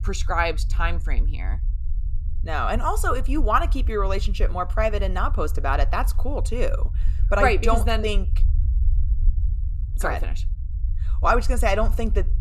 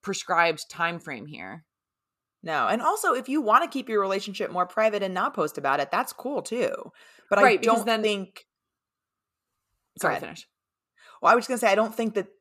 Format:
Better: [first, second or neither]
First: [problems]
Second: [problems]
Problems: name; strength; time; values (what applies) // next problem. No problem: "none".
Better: second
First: low rumble; faint; throughout; 25 dB below the speech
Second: none